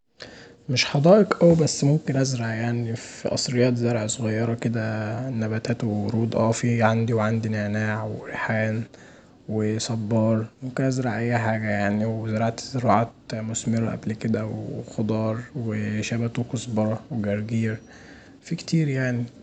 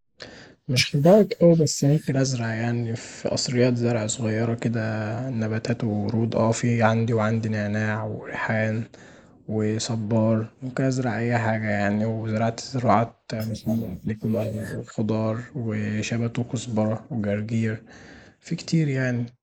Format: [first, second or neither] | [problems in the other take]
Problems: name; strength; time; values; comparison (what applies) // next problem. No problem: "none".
first | noise reduction (neural mask model Resemble Enhance denoiser)